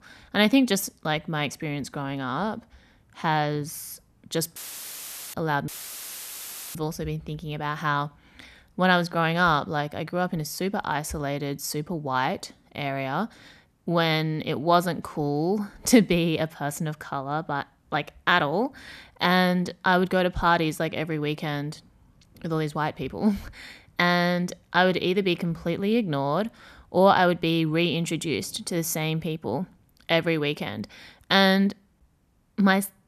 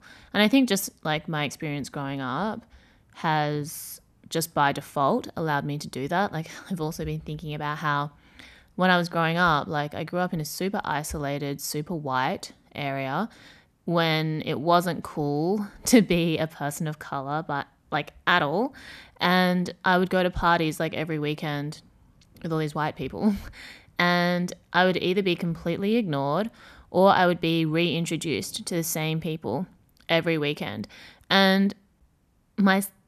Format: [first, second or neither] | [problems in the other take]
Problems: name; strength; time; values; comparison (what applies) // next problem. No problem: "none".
second | audio cutting out; filled with static; at 4.5 s for 1 s and at 5.5 s for 1 s